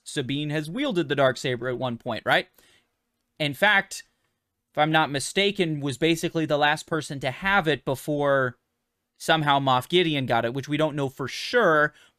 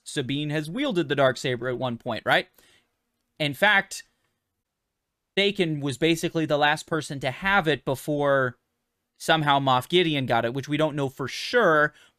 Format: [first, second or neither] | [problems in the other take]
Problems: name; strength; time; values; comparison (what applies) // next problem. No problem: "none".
first | audio cutting out; at 4.5 s for 0.5 s